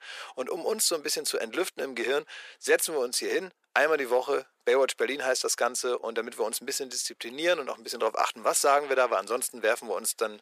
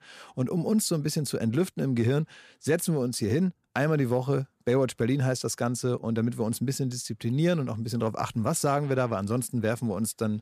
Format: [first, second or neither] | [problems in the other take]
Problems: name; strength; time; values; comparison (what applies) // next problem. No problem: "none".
second | thin; very; fading below 400 Hz